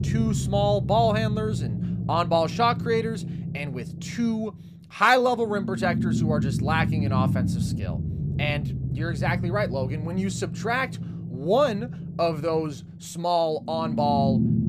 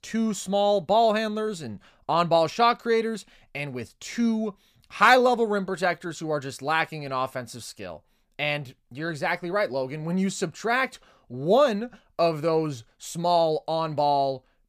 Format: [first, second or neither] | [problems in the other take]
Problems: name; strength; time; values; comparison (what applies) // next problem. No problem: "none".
second | low rumble; noticeable; throughout; 15 dB below the speech